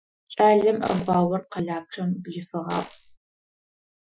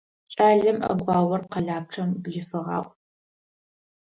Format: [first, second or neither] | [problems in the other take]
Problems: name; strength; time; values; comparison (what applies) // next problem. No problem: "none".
second | noise reduction (classical method Wiener filter)